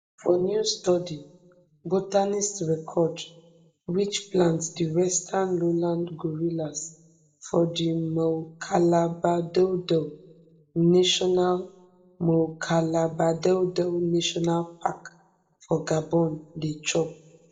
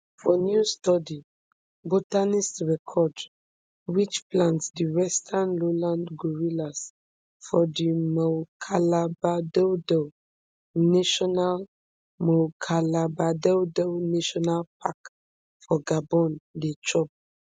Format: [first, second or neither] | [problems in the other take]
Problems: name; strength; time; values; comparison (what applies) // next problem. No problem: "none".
second | room echo; dies away in 0.4 s